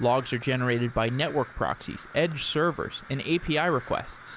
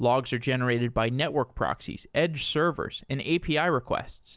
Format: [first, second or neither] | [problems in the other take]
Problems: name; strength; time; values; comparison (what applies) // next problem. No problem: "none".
second | background sound (Crow); 18 dB below the speech